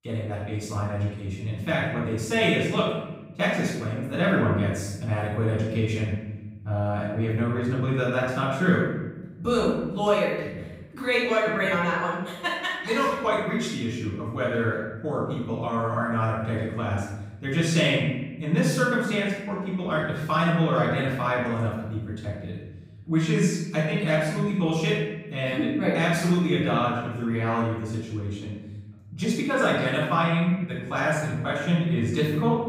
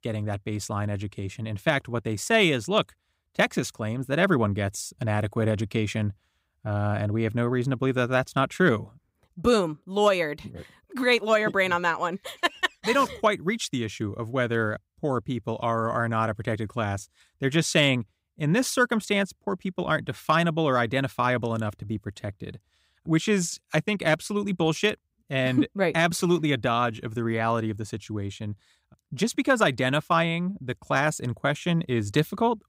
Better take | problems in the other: second | off-mic speech; far // room echo; strong; dies away in 1.1 s

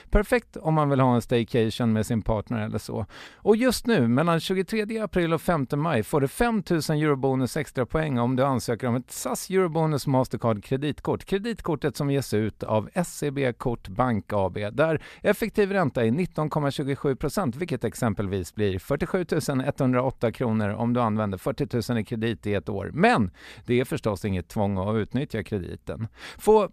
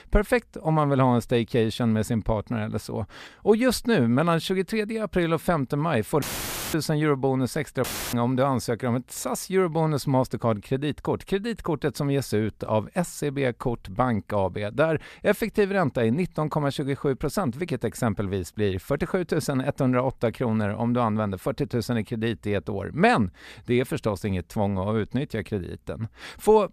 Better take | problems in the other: first | audio cutting out; filled with static; at 6 s for 0.5 s and at 8 s

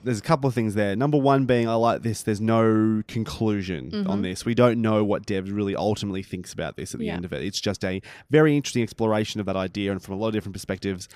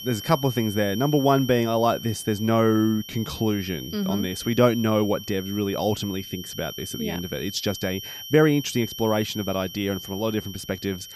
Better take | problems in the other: first | high-pitched whine; noticeable; throughout; 3 kHz, 10 dB below the speech

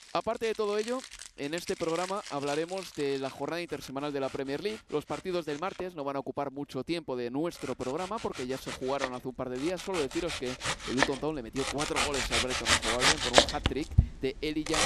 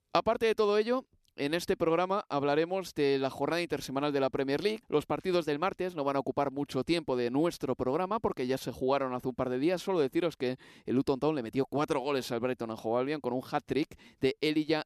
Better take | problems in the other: second | household noises; very loud; throughout; 4 dB above the speech

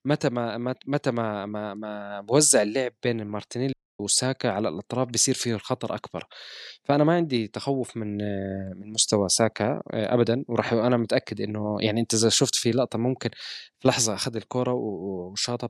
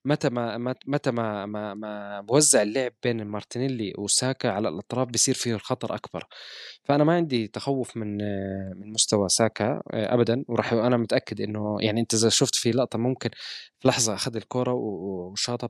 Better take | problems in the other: second | audio cutting out; at 3.5 s

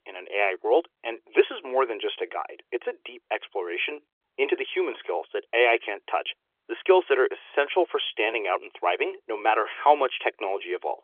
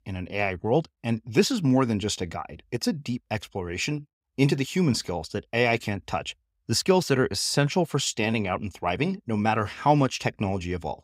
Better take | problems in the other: second | phone-call audio; nothing above 3.5 kHz

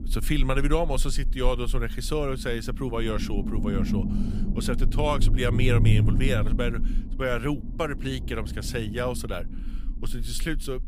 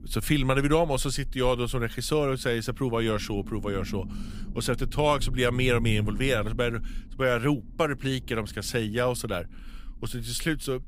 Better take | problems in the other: second | low rumble; loud; throughout; 9 dB below the speech; faint in the second

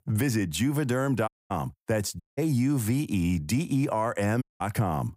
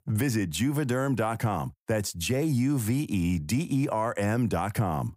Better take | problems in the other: second | audio cutting out; at 1.5 s, at 2 s and at 4.5 s

